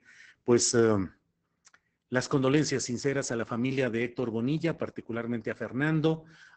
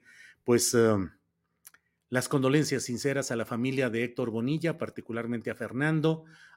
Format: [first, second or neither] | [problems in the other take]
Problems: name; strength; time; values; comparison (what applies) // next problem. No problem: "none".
second | garbled, watery; badly; nothing above 8 kHz